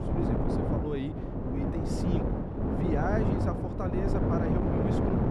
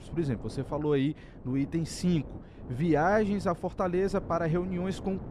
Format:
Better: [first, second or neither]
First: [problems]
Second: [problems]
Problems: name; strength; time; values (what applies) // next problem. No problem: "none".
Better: second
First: wind noise on the microphone; heavy; 3 dB above the speech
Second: wind noise on the microphone; occasional gusts; 20 dB below the speech